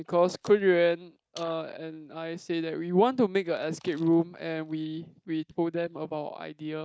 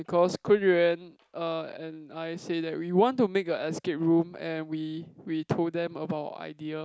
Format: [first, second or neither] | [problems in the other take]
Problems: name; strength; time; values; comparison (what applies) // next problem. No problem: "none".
second | noise reduction (neural mask model DeepFilterNet 3)